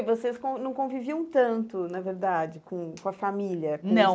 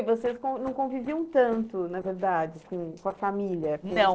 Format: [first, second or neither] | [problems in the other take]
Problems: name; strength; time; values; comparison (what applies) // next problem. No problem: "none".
first | noise reduction (neural separator model SepFormer DNS4)